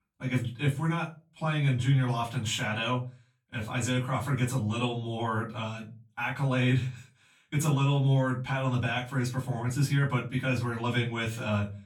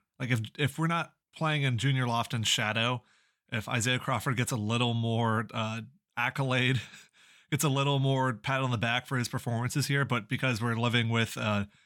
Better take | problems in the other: second | off-mic speech; far // room echo; slight; dies away in 0.3 s

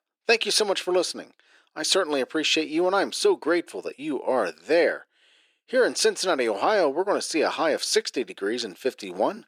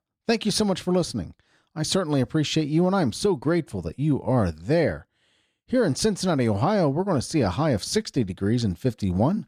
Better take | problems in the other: second | thin; very; fading below 350 Hz

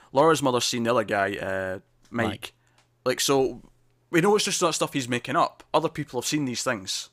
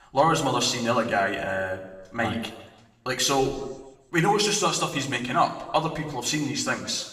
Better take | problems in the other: first | room echo; slight; dies away in 1 s // off-mic speech; somewhat distant

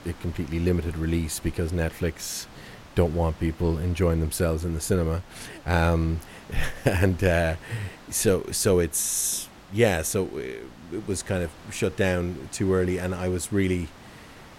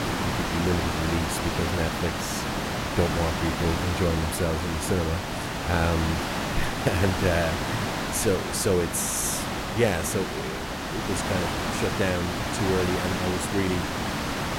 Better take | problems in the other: first | hiss; loud; throughout; 1 dB below the speech; faint in the first

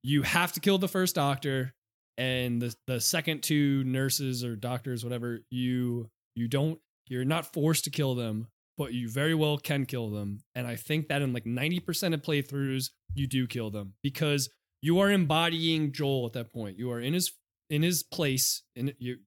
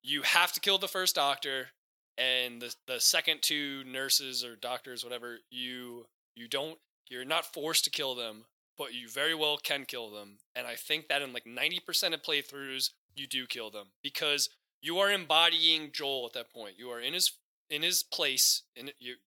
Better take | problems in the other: first | thin; very; fading below 650 Hz

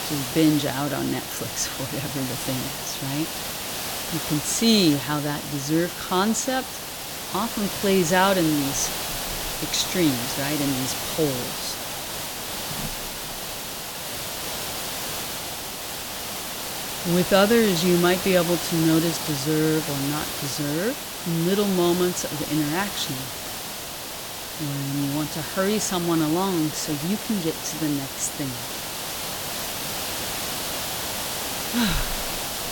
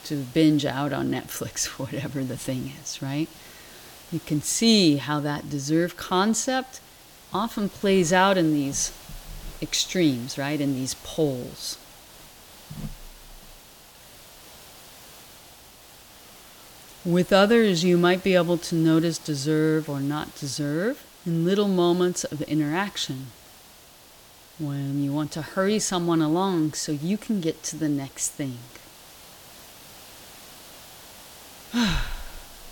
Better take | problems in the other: second | hiss; loud; throughout; 4 dB below the speech; faint in the second

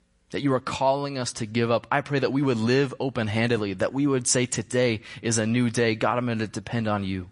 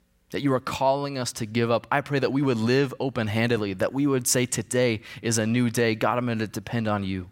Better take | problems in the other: second | garbled, watery; slightly; nothing above 10 kHz

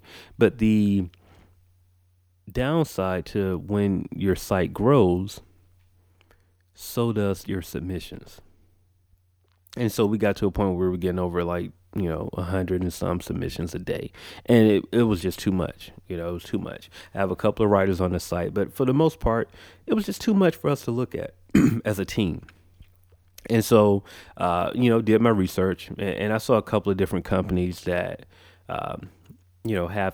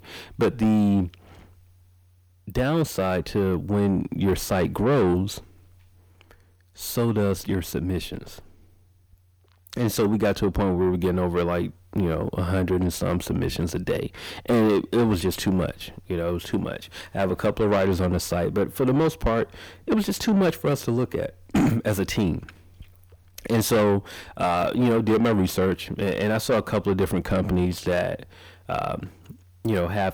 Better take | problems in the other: first | distortion; heavy; 8 dB below the speech

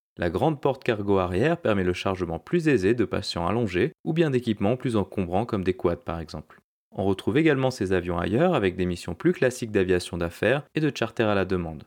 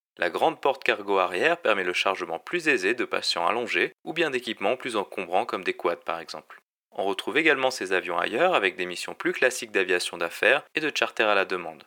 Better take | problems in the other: first | thin; very; fading below 600 Hz

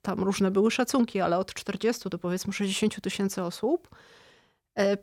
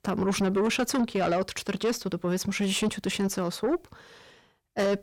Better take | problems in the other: first | distortion; slight; 10 dB below the speech

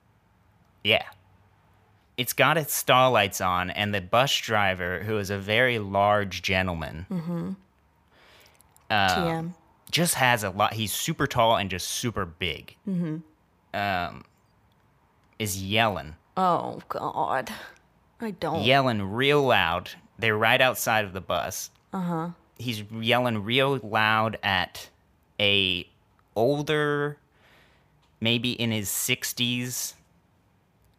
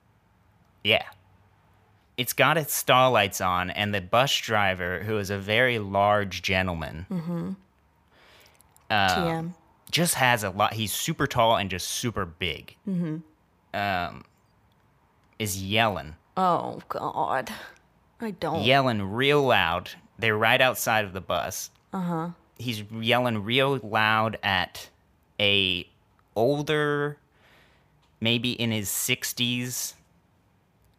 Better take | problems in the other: neither | none

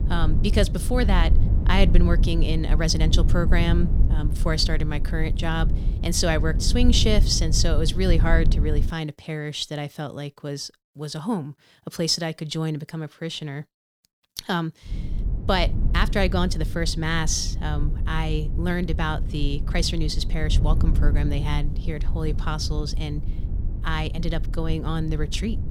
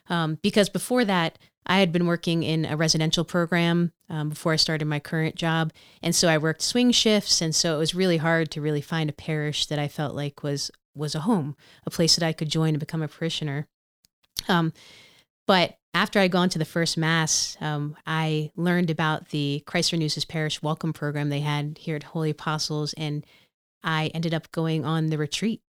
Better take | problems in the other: second | low rumble; noticeable; until 9 s and from 15 s on; 10 dB below the speech

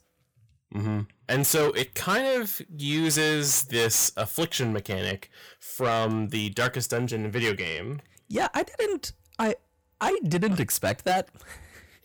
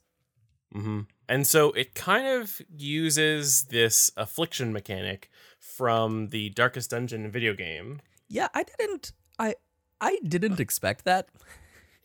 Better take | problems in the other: second | distortion; heavy; 7 dB below the speech

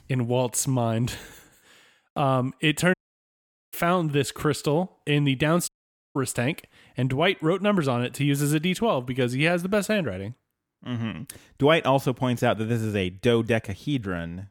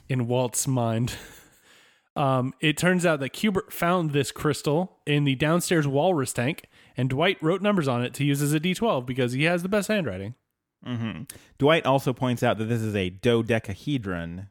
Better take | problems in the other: second | audio cutting out; at 3 s for 1 s and at 5.5 s

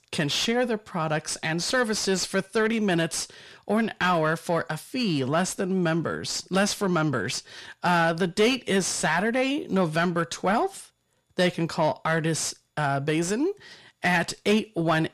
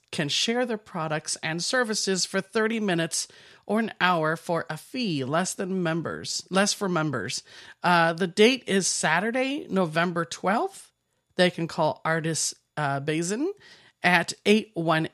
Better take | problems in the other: second | distortion; slight; 10 dB below the speech

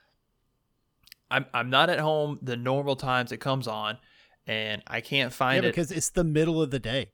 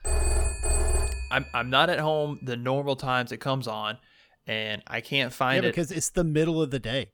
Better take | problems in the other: first | phone ringing; loud; until 1.5 s; peak 1 dB above the speech

